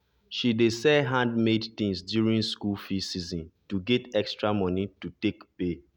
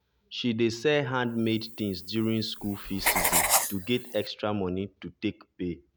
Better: first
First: none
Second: background sound (Writing); 1 dB below the speech

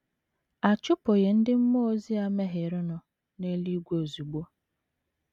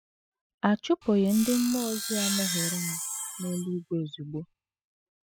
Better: first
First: none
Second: noise reduction (classical method spectral subtraction)

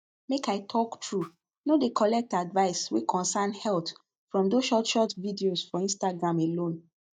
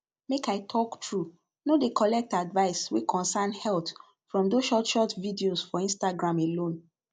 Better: second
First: noise reduction (neural mask model DeepFilterNet 3)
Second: none

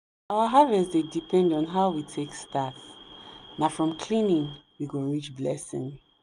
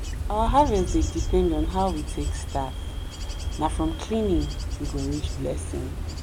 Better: first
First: none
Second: background sound (Wind / Bird / Insect); 1 dB below the speech

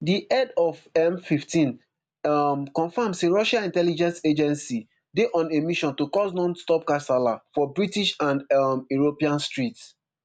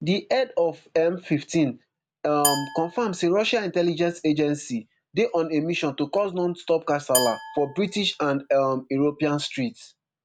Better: first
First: none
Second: background sound (Glass); 9 dB below the speech

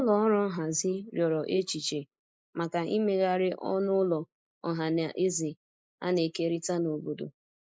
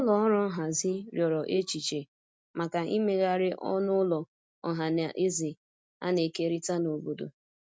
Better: second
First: noise reduction (neural mask model Resemble Enhance denoiser)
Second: none

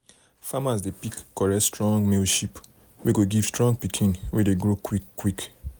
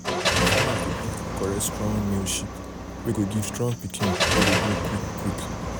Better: first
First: none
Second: background sound (Car); 3 dB above the speech

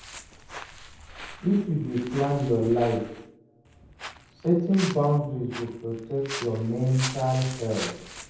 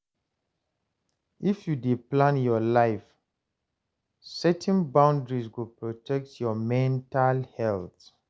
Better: second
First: background sound (Walk, footsteps); 13 dB below the speech // room echo; dies away in 0.9 s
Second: none

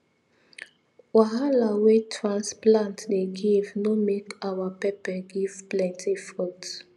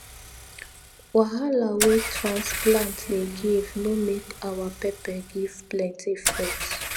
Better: first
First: none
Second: background sound (Engine / Car); 7 dB below the speech

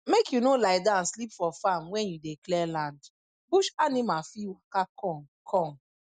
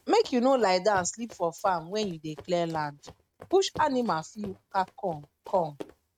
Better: first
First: none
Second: noise reduction (neural mask model RNNoise)

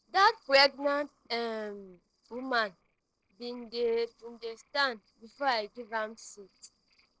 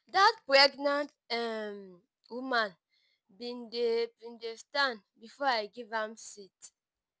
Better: second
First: noise reduction (neural separator model SepFormer DNS4)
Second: none

